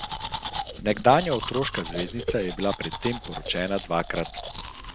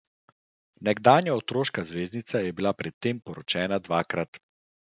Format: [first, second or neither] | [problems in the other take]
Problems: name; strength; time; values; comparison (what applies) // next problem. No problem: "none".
second | background sound (Domestic sounds, home sounds); 8 dB below the speech